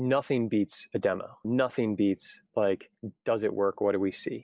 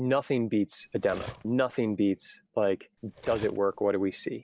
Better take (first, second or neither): first